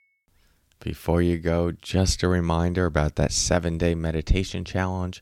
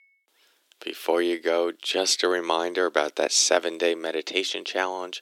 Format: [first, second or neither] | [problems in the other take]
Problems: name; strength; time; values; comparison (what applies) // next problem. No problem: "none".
first | thin; very; fading below 300 Hz